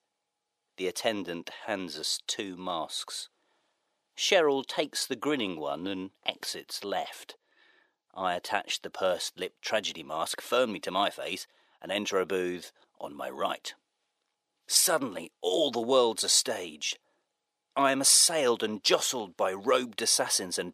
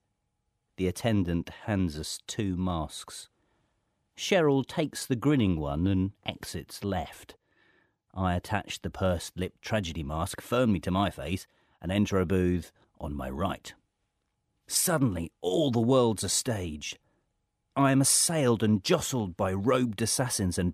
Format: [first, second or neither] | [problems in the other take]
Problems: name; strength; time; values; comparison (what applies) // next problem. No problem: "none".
second | thin; somewhat; fading below 500 Hz